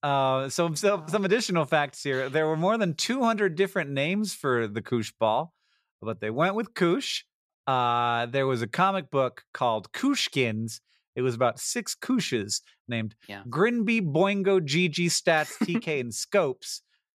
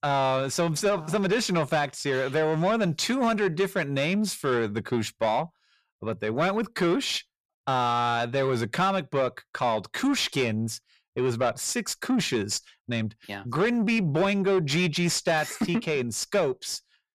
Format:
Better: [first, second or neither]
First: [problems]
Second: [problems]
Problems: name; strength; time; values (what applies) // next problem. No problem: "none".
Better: first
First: none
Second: distortion; slight; 10 dB below the speech